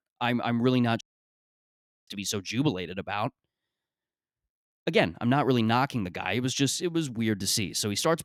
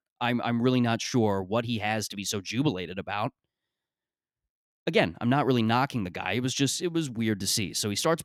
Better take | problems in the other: second | audio cutting out; at 1 s for 1 s

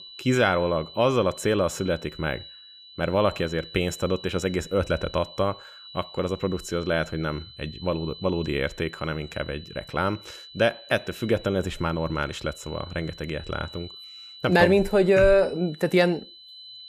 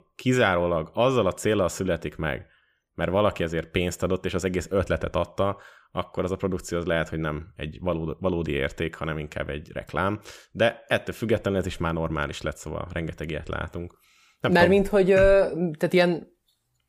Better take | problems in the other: second | high-pitched whine; noticeable; throughout; 4 kHz, 15 dB below the speech

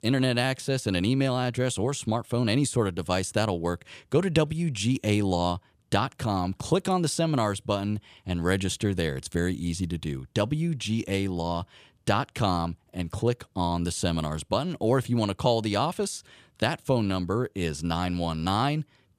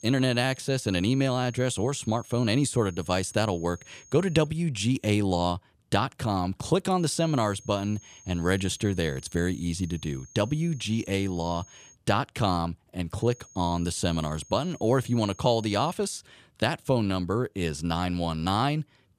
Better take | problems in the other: first | high-pitched whine; faint; until 4.5 s, from 7 to 12 s and from 13 to 16 s; 6.5 kHz, 25 dB below the speech

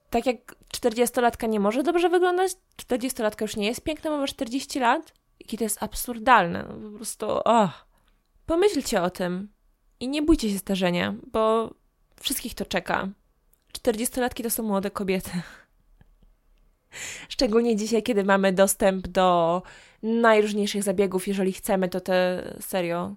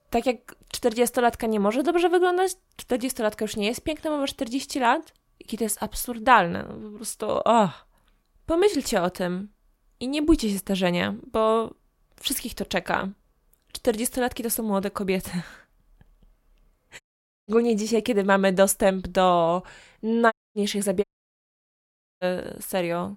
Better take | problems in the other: first | audio cutting out; at 17 s, at 20 s and at 21 s for 1 s

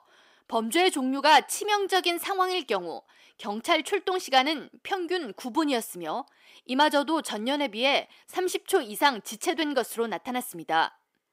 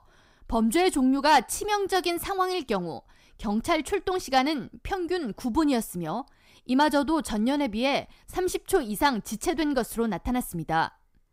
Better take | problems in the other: second | thin; very slightly; fading below 400 Hz

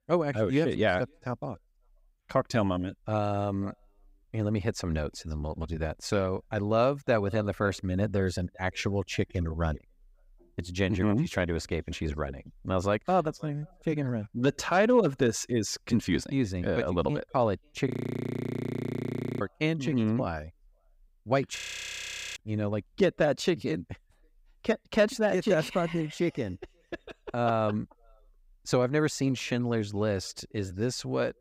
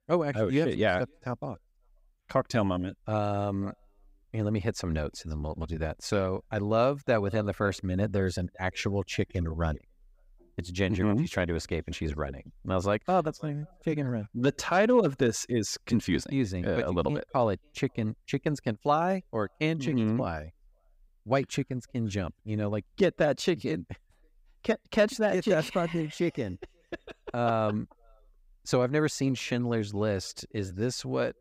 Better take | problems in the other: second | audio freezing; at 18 s for 1.5 s and at 22 s for 1 s

